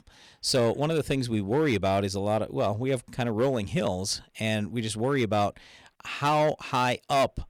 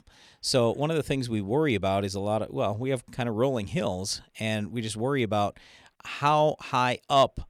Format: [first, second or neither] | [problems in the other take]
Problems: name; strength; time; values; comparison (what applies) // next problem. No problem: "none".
second | distortion; slight; 5% of the sound clipped